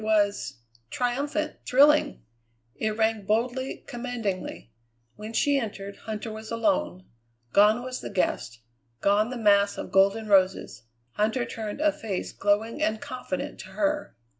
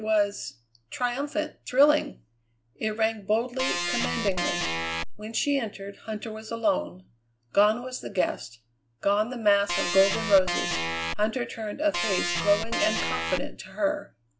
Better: first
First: none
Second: background sound (Organ); 1 dB below the speech

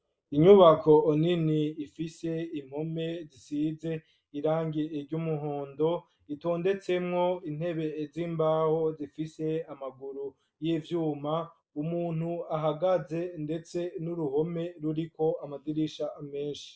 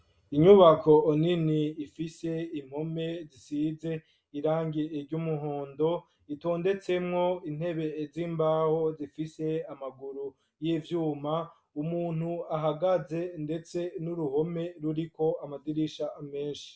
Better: second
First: noise reduction (neural mask model Resemble Enhance denoiser)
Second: none

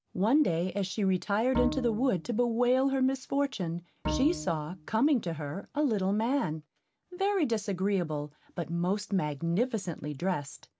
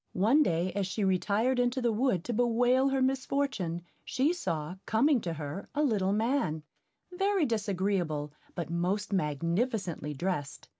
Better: second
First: background sound (Bowed string instrument); 8 dB below the speech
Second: none

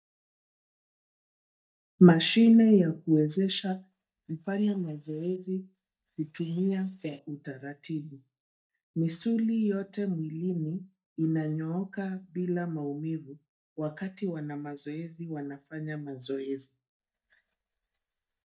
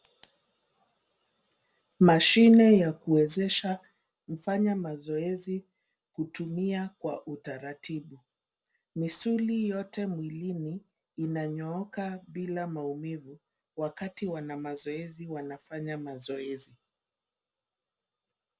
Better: second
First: noise reduction (neural mask model DeepFilterNet 3)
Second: none

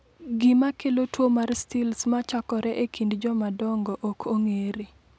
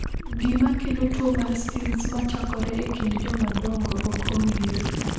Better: first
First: none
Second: background sound (Gurgling / Liquid); 1 dB below the speech // room echo; dies away in 0.9 s

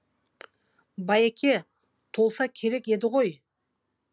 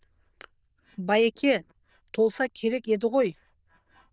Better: first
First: none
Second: noise reduction (neural diffusion model UNIVERSE++)

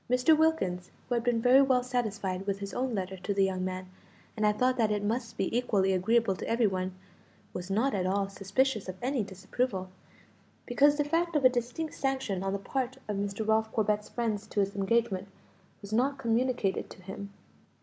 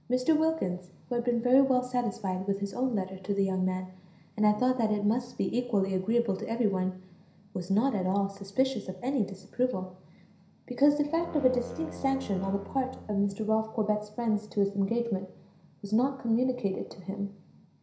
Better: first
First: none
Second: background sound (Brass instrument); 15 dB below the speech // room echo; dies away in 0.5 s

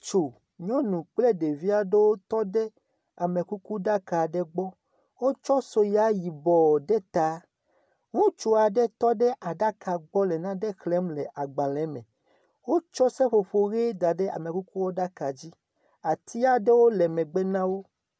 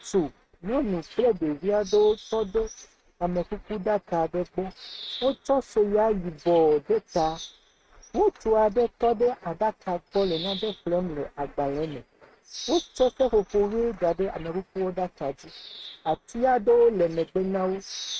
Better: first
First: none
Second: noise reduction (neural mask model RNNoise)

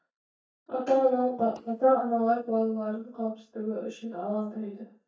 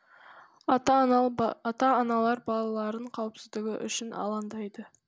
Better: second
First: noise reduction (neural mask model DeepFilterNet 3)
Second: none

